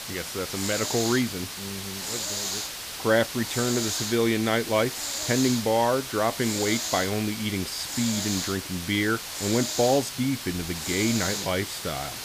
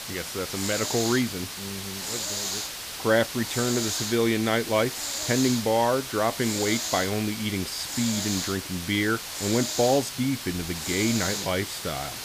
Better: neither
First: hiss; loud; throughout; 4 dB below the speech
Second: hiss; loud; throughout; 4 dB below the speech

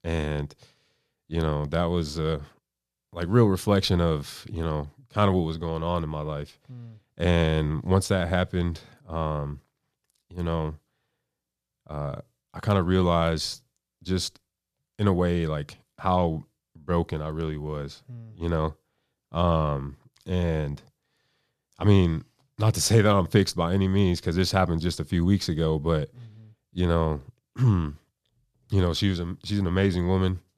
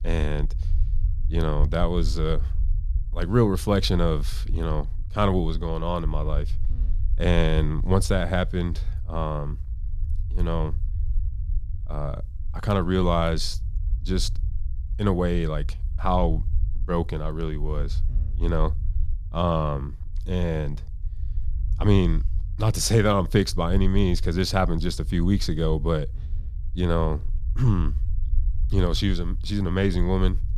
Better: first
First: none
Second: low rumble; faint; throughout; 20 dB below the speech

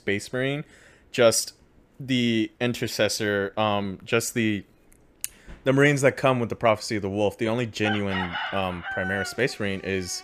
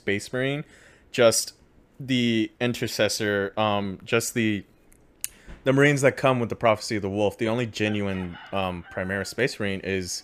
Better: second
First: animal sounds; loud; from 7 s on; 7 dB below the speech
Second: animal sounds; faint; from 7 s on; 20 dB below the speech

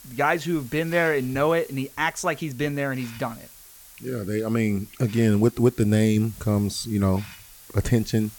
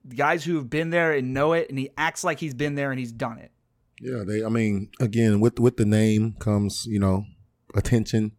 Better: second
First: hiss; noticeable; throughout; 20 dB below the speech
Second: none

